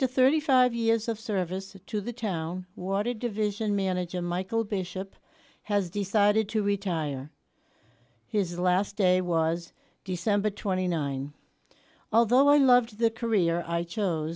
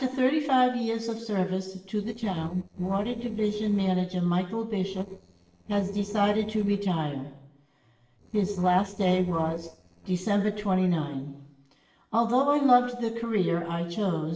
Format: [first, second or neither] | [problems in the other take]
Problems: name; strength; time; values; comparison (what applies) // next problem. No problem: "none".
first | noise reduction (neural separator model SepFormer DNS4)